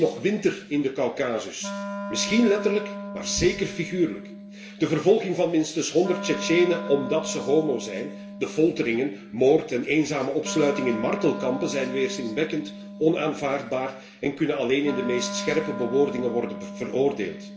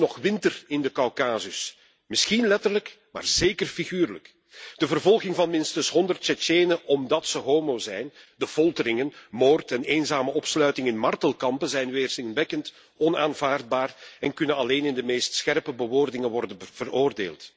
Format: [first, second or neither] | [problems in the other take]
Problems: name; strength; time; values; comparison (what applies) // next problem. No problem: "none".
second | background sound (Wind instrument, woodwind instrument); 11 dB below the speech // room echo; dies away in 0.7 s